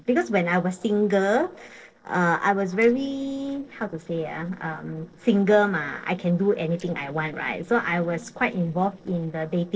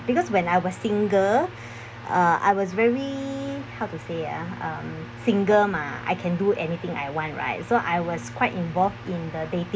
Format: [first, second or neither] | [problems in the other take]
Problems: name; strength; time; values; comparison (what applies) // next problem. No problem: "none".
second | noise reduction (neural separator model SepFormer DNS4)